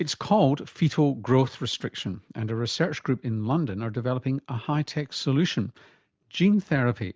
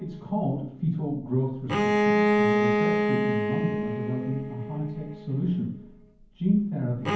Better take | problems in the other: first | background sound (Bowed string instrument); 2 dB above the speech // room echo; dies away in 0.9 s

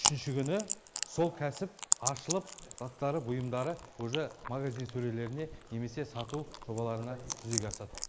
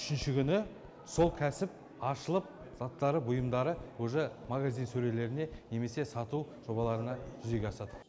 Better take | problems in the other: second | noise reduction (neural mask model Resemble Enhance denoiser)

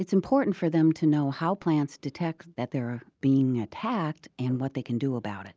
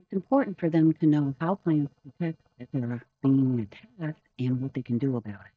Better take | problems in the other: first | noise reduction (neural mask model DeepFilterNet 3)

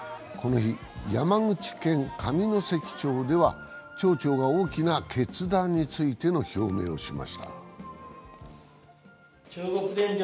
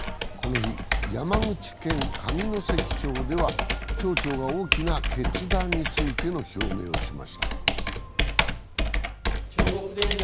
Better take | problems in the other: first | background sound (Computer keyboard); 4 dB above the speech

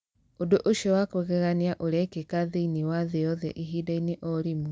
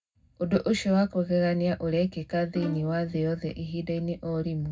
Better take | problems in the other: first | background sound (Bowed string instrument); 14 dB below the speech // room echo; dies away in 0.3 s

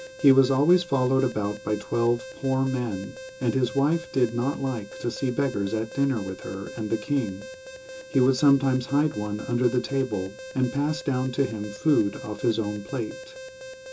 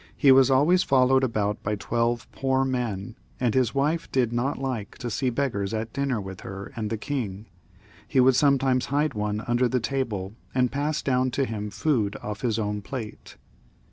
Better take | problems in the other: second | background sound (Alarm); 15 dB below the speech // room echo; dies away in 0.2 s

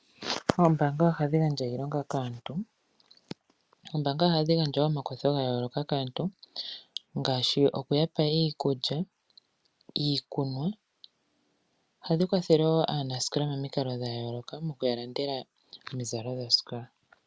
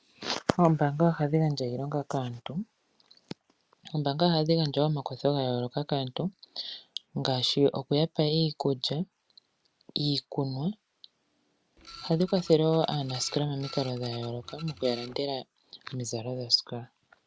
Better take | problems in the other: first | background sound (Printer); 17 dB below the speech

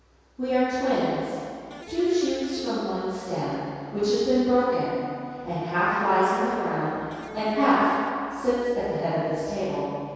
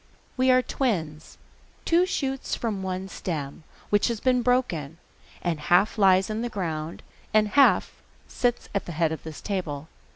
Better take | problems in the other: second | background sound (Electric guitar); 17 dB below the speech // room echo; dies away in 2.2 s

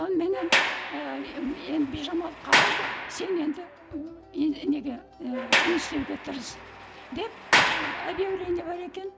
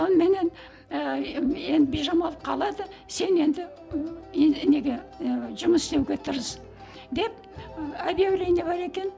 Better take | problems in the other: second | background sound (Sliding door); 2 dB above the speech

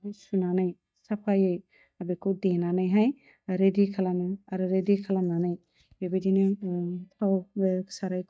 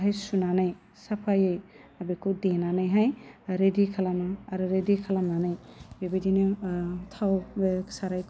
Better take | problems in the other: second | noise reduction (neural mask model DeepFilterNet 3)

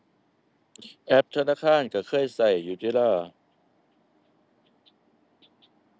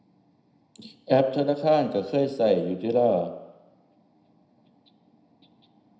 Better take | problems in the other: first | room echo; dies away in 0.7 s

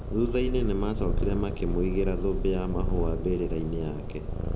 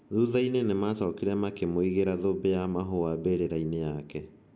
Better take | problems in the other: second | background sound (Purr); as loud as the speech

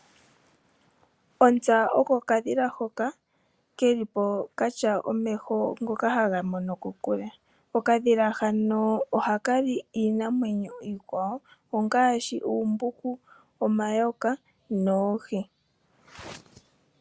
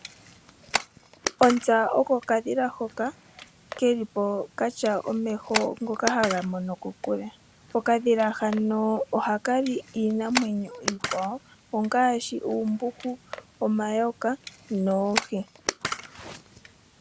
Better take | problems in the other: first | background sound (Camera); 10 dB below the speech

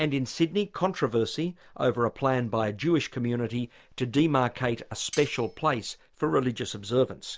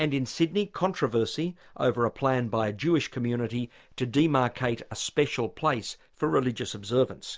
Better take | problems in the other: second | background sound (Cutlery, silverware); 18 dB below the speech

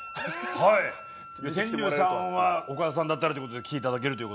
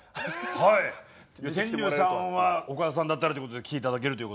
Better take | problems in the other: second | background sound (Wind instrument, woodwind instrument); 16 dB below the speech

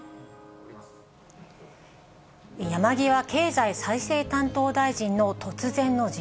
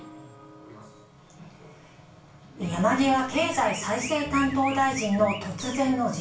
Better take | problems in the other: first | background sound (Chirp, tweet); 16 dB below the speech // room echo; dies away in 0.3 s

